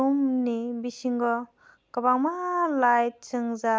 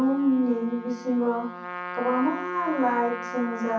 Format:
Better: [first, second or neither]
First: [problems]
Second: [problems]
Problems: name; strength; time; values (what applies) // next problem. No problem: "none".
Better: first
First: none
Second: background sound (Trumpet); 10 dB below the speech // room echo; dies away in 0.6 s